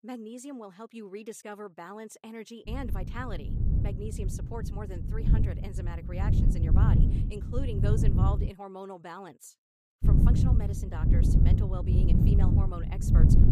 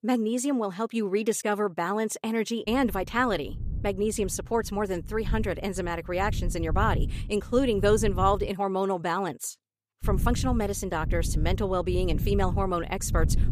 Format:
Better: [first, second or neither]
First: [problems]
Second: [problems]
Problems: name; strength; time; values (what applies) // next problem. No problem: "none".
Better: second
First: wind noise on the microphone; heavy; from 2.5 to 8.5 s and from 10 s on; 2 dB above the speech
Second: wind noise on the microphone; occasional gusts; from 2.5 to 8.5 s and from 10 s on; 20 dB below the speech